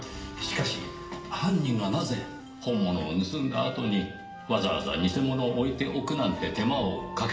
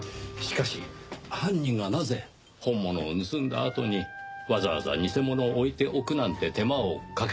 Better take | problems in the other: second | background sound (Wind instrument, woodwind instrument); 16 dB below the speech // room echo; dies away in 0.9 s

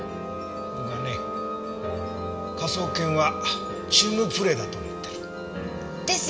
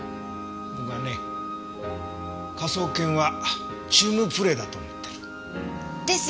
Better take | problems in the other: second | background sound (Musical instrument); 8 dB below the speech // room echo; dies away in 0.9 s

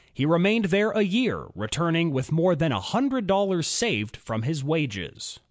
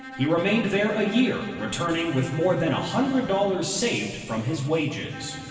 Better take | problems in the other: first | background sound (Bowed string instrument); 16 dB below the speech // room echo; dies away in 2.3 s

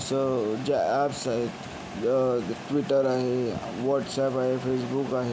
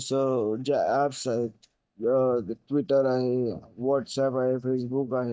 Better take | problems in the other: first | noise reduction (neural mask model DeepFilterNet 3)

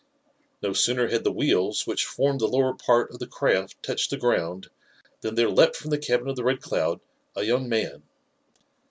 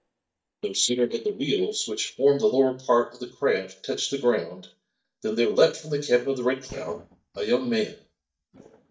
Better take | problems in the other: first | noise reduction (neural mask model DeepFilterNet 3)

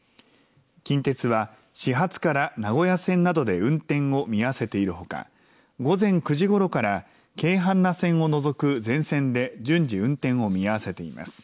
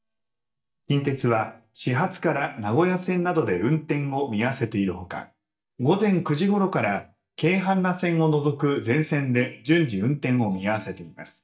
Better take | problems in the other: first | noise reduction (neural mask model DeepFilterNet 3)

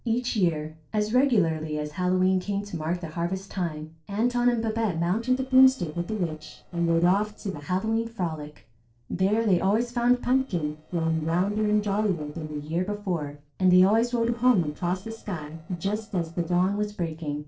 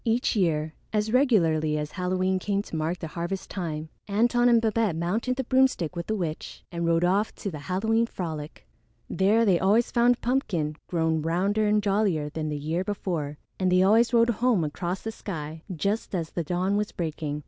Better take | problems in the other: second | noise reduction (neural separator model SepFormer DNS4)

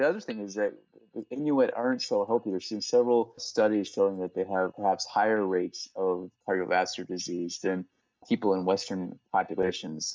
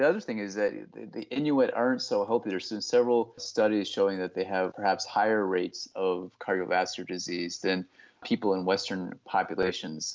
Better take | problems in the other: second | noise reduction (neural mask model DeepFilterNet 3)

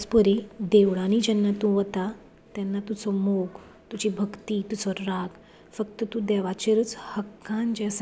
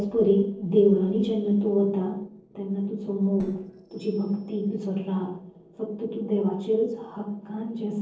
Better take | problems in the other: first | noise reduction (neural separator model SepFormer DNS4)

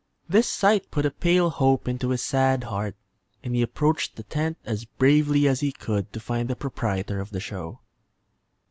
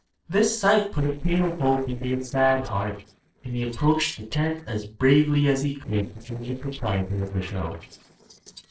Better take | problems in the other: first | noise reduction (neural separator model SepFormer DNS4)

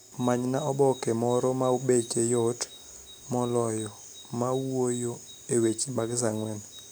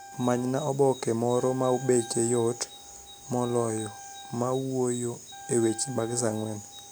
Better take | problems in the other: first | background sound (Wind instrument, woodwind instrument); 19 dB below the speech

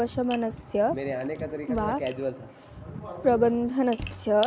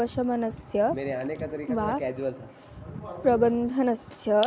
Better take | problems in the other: second | background sound (Thump, thud + Tap); 19 dB below the speech

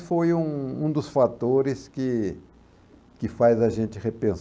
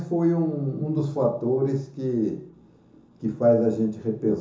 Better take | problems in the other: first | room echo; dies away in 0.7 s

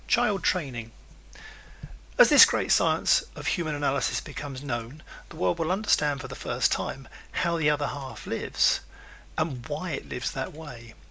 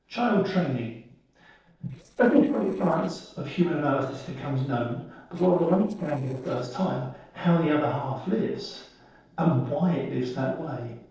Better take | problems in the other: first | noise reduction (neural separator model SepFormer DNS4)

